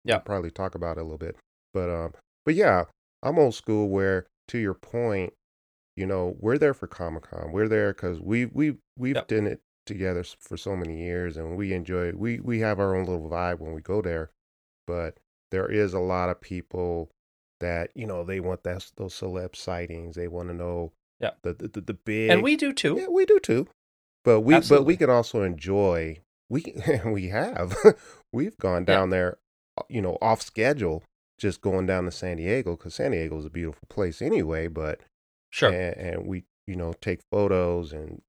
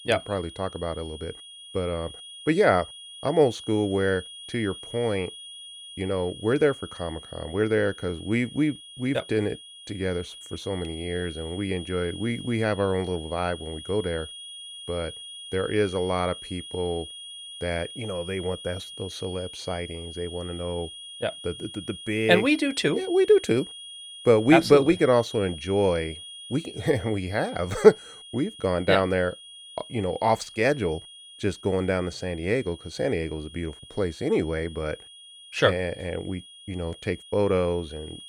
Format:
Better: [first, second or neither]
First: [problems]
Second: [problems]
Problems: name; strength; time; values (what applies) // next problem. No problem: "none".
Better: first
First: none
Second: high-pitched whine; noticeable; throughout; 3.5 kHz, 15 dB below the speech